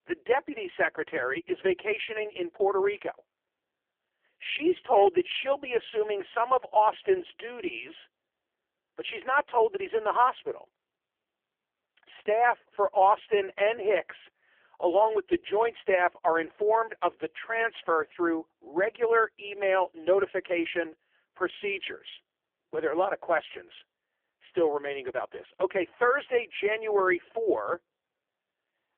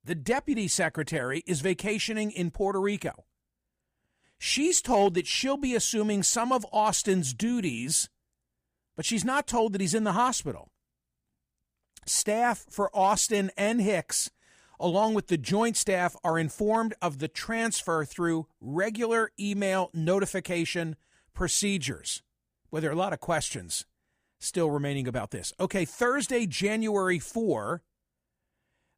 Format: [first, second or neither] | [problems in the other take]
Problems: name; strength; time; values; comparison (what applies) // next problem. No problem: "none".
second | phone-call audio; poor line; nothing above 3.5 kHz